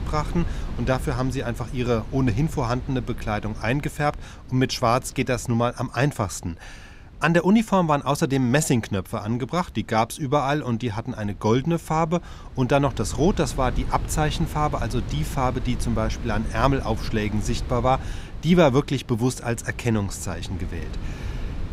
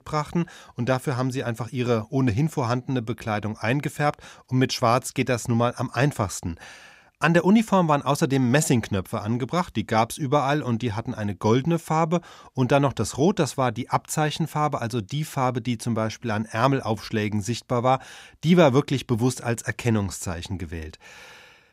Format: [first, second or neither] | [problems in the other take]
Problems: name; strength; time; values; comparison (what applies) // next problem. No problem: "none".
second | wind noise on the microphone; occasional gusts; 20 dB below the speech